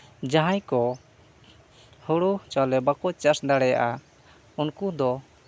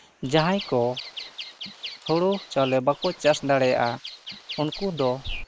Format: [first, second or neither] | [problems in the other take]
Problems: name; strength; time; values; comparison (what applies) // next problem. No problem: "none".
first | noise reduction (neural mask model Resemble Enhance denoiser)